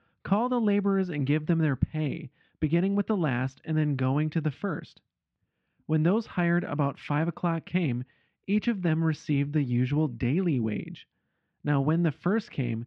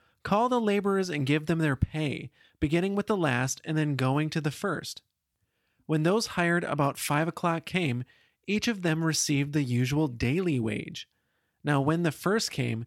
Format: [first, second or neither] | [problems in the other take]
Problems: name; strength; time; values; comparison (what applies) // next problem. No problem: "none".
second | muffled; very; fading above 3 kHz